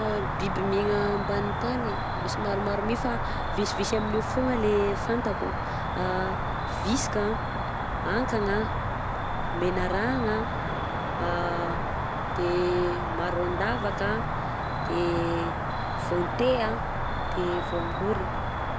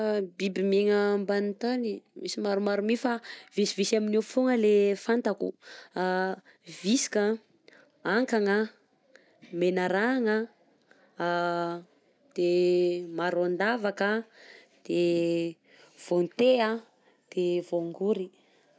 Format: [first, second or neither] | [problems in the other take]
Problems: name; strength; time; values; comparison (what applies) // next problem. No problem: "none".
second | background sound (Cricket); 1 dB above the speech